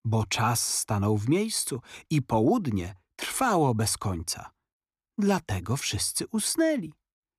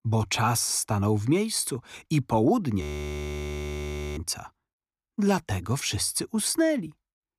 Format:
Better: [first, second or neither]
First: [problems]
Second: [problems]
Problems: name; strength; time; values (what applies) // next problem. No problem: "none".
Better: first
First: none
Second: audio freezing; at 3 s for 1.5 s